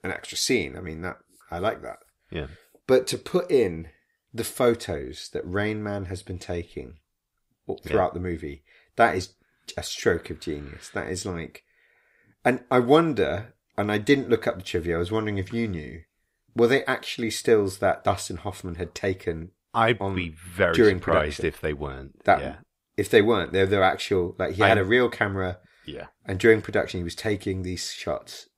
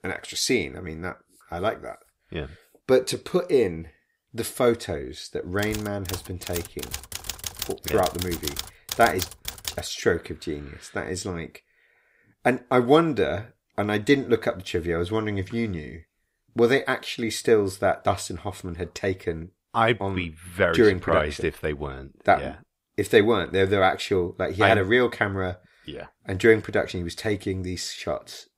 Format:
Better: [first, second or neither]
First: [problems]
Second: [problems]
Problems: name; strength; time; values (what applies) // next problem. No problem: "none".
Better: first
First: none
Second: keyboard typing; noticeable; from 5.5 to 10 s; peak 6 dB below the speech